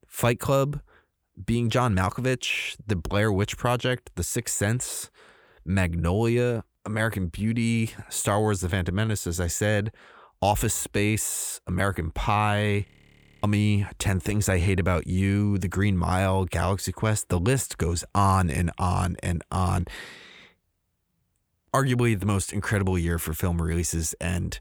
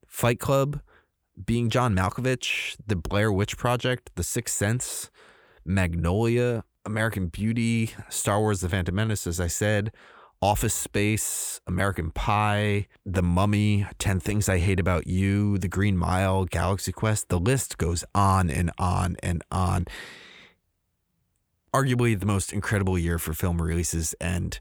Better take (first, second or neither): second